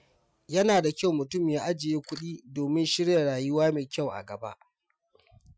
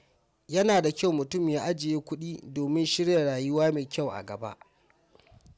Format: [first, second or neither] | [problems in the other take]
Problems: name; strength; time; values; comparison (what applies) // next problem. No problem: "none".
second | noise reduction (classical method Wiener filter)